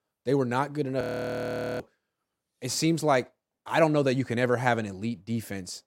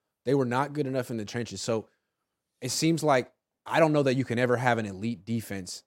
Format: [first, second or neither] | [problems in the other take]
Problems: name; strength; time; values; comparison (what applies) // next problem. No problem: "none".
second | audio freezing; at 1 s for 1 s